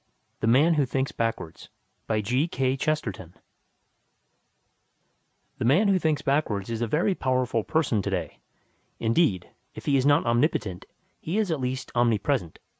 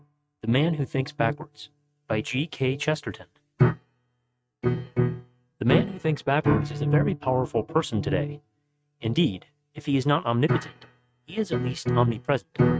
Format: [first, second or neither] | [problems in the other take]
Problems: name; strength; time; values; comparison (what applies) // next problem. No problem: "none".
first | noise reduction (neural mask model RNNoise)